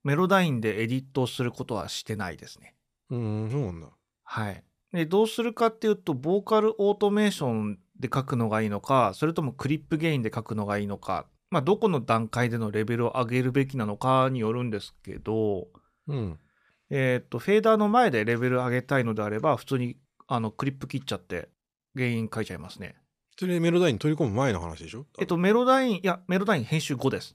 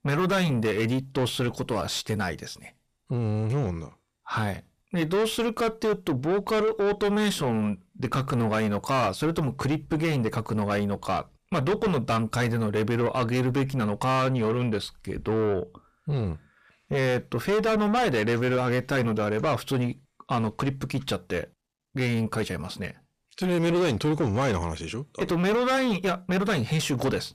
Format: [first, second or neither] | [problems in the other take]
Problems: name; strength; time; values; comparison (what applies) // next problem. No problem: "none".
first | distortion; heavy; 5 dB below the speech